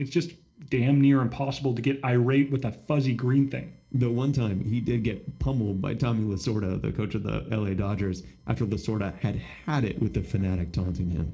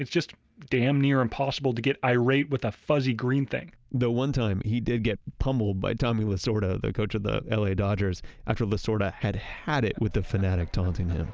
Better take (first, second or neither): second